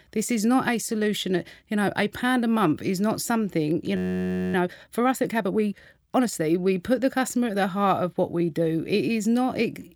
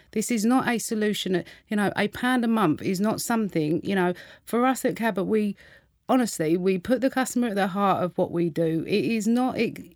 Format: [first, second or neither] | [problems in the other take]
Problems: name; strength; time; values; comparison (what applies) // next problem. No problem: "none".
second | audio freezing; at 4 s for 0.5 s